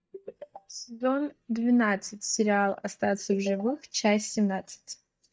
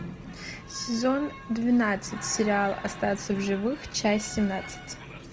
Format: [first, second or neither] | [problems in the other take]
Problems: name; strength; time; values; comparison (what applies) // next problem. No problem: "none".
second | noise reduction (neural mask model DeepFilterNet 3)